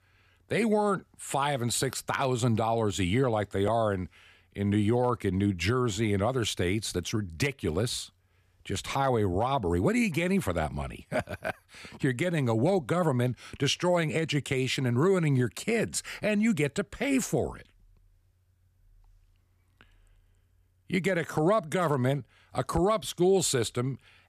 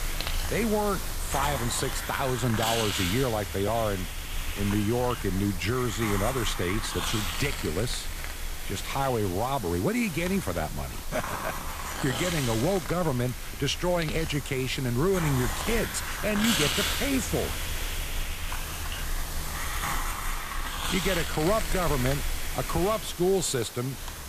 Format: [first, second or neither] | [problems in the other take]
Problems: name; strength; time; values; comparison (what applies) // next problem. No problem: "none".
first | hiss; loud; throughout; 4 dB below the speech